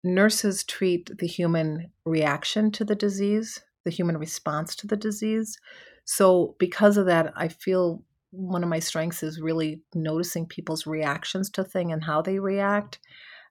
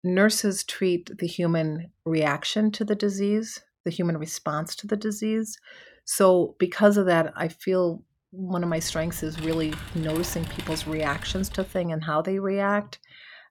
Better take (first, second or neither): first